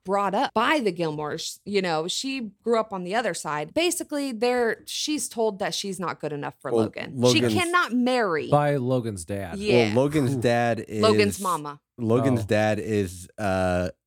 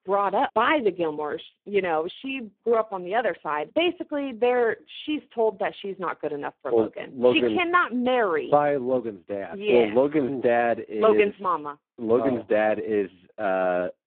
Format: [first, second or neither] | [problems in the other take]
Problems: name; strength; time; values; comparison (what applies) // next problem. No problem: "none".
first | phone-call audio; poor line